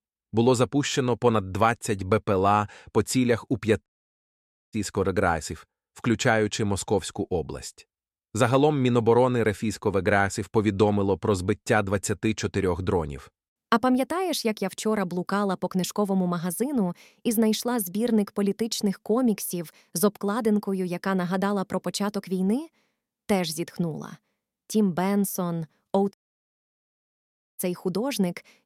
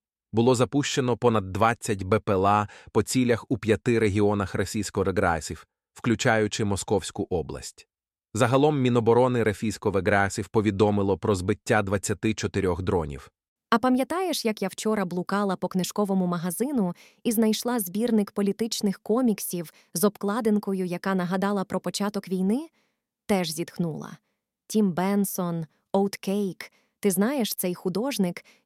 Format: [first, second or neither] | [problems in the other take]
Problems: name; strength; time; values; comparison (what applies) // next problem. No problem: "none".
second | audio cutting out; at 4 s for 1 s and at 26 s for 1.5 s